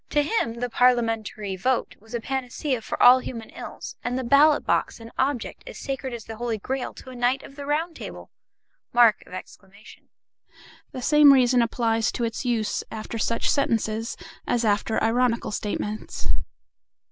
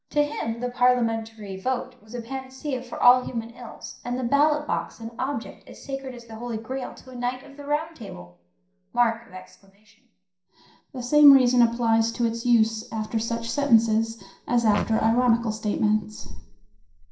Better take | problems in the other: first | noise reduction (neural separator model SepFormer DNS4)

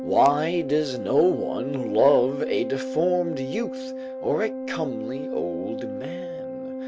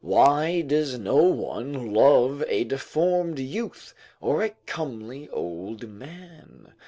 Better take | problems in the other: second | background sound (Organ); 7 dB below the speech

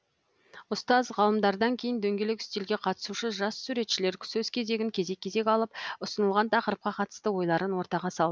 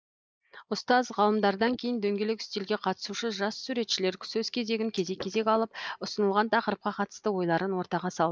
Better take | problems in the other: first | noise reduction (neural mask model Resemble Enhance denoiser)

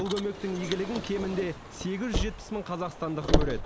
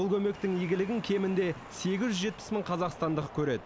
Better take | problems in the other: second | background sound (Car); 1 dB above the speech

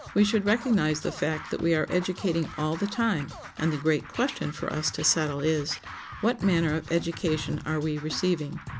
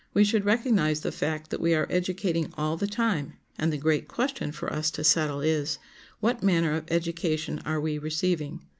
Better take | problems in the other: second | background sound (Scratching (performance technique)); 14 dB below the speech

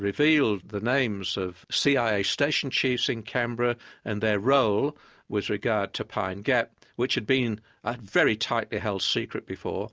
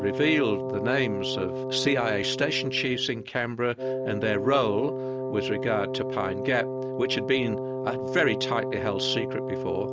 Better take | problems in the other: first | background sound (Wind instrument, woodwind instrument); 3 dB below the speech

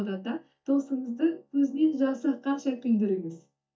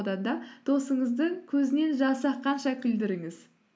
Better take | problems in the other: second | noise reduction (neural mask model DeepFilterNet 3)

